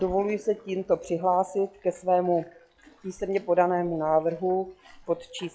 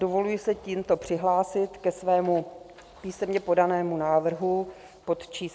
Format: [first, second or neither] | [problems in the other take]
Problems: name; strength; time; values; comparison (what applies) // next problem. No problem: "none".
second | noise reduction (classical method log-MMSE)